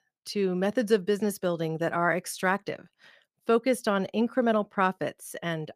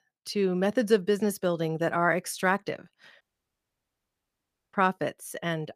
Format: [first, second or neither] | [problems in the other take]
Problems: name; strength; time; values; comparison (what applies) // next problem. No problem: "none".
first | audio cutting out; at 3 s for 1.5 s